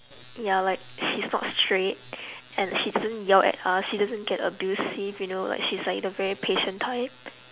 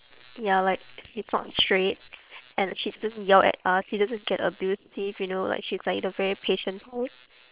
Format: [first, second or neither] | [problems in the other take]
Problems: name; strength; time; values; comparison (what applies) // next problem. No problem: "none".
first | noise reduction (neural separator model SepFormer WHAM!)